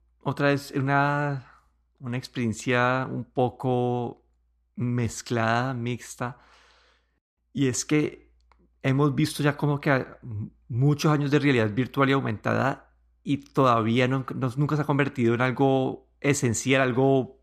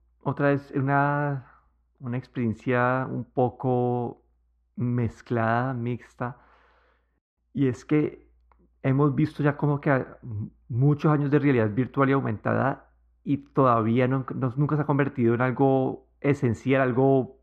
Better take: first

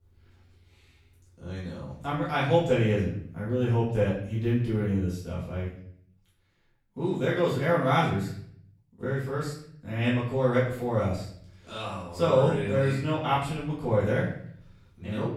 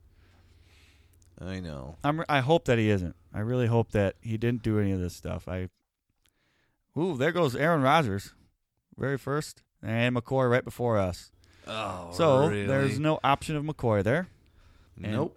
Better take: second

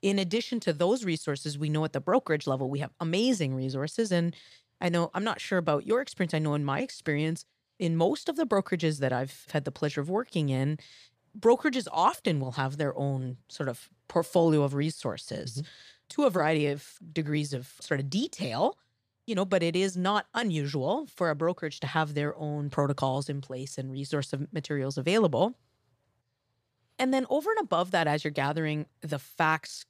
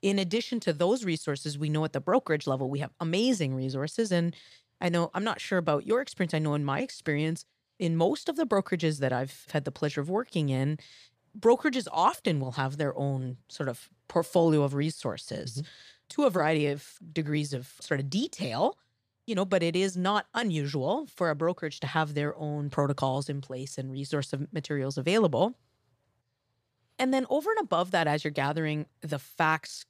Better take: neither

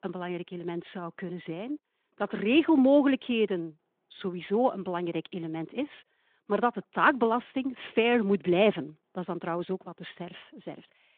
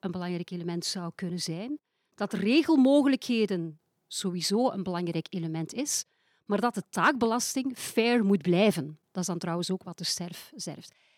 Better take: second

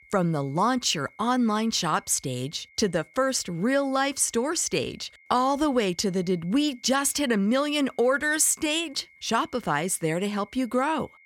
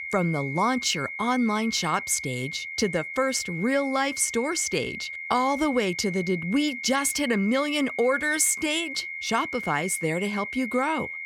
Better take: first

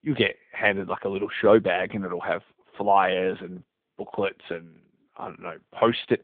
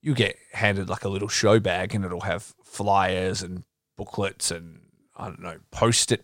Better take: second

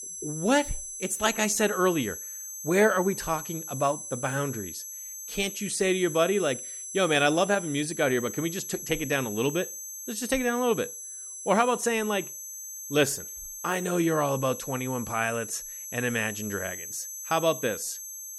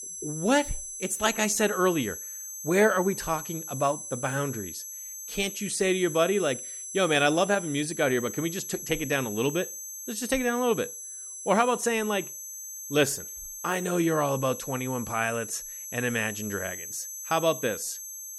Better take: neither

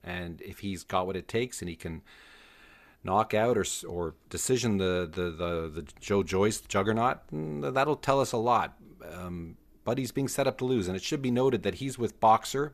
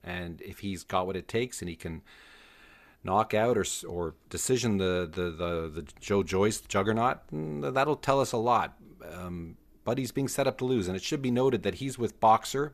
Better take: neither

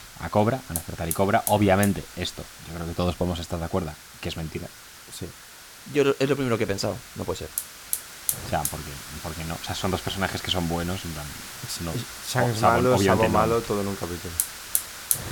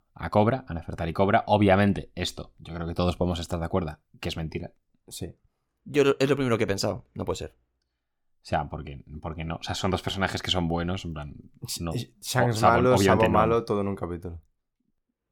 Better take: second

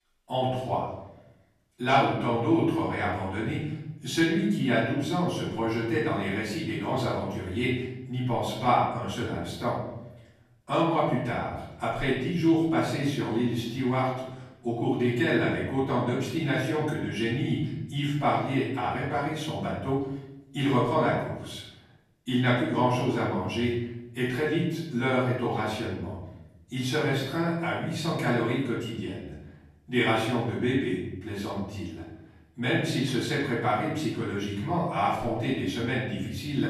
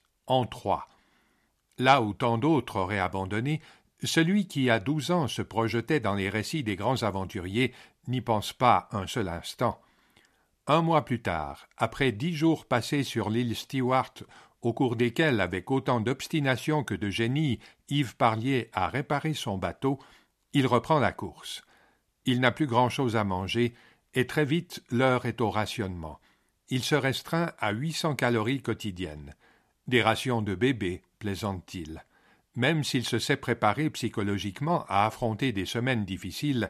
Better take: second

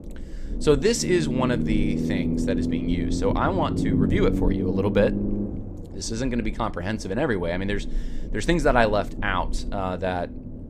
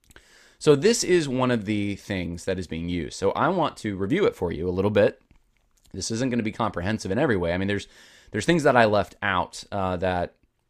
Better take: second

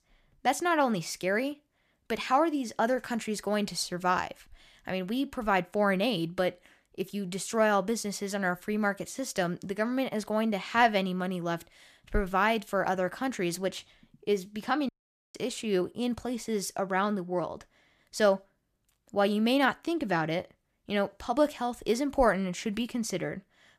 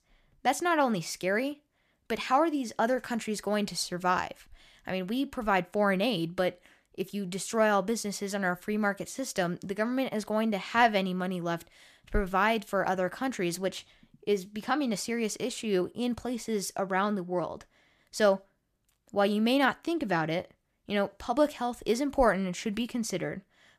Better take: second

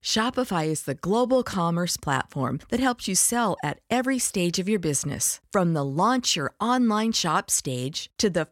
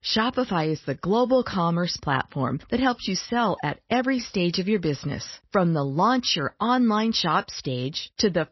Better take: first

